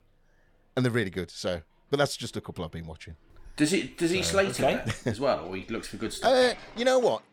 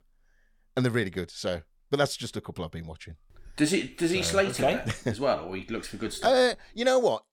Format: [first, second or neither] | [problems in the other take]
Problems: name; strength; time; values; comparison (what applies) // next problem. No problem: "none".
second | household noises; noticeable; throughout; 15 dB below the speech